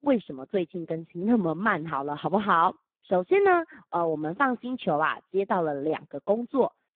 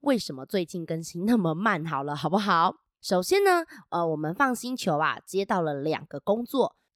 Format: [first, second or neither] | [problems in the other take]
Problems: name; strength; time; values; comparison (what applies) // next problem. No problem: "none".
second | phone-call audio; poor line